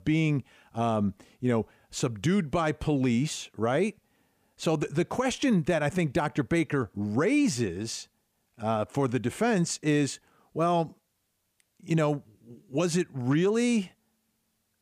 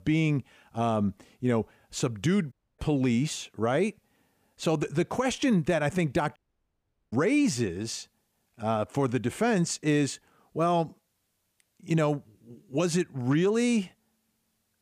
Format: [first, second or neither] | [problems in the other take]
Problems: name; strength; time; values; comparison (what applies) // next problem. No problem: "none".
first | audio cutting out; at 2.5 s and at 6.5 s for 1 s